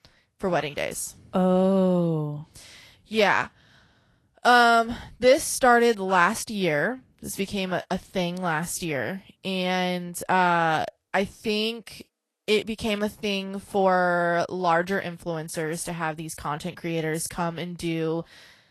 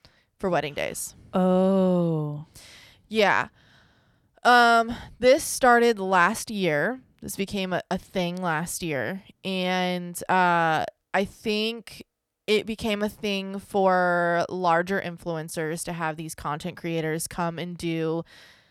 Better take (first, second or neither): second